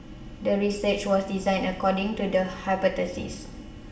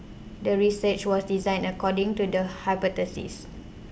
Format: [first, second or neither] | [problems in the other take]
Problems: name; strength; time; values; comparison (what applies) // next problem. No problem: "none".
second | room echo; dies away in 0.8 s